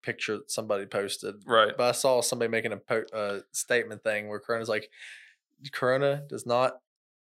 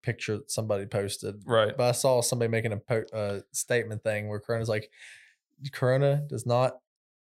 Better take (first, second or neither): second